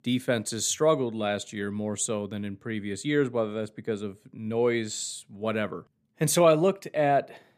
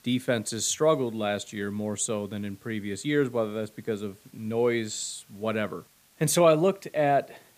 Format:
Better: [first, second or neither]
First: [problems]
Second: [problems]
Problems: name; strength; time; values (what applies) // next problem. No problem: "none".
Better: first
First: none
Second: hiss; faint; throughout; 30 dB below the speech